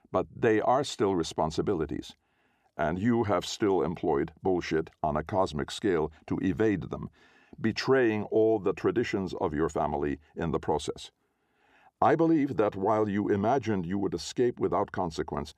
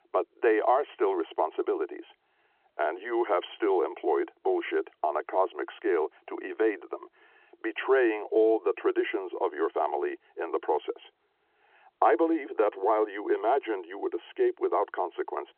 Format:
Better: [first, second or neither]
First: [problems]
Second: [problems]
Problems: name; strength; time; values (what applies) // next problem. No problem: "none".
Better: first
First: none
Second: phone-call audio